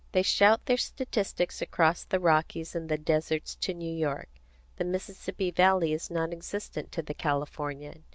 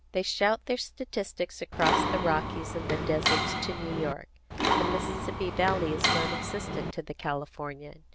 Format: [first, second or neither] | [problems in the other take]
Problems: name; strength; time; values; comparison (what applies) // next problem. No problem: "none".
first | background sound (Mechanisms); 2 dB above the speech